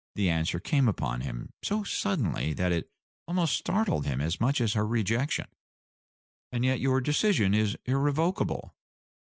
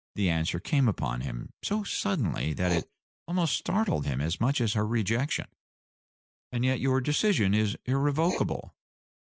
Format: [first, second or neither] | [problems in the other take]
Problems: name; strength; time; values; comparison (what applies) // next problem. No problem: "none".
first | background sound (Writing); 19 dB below the speech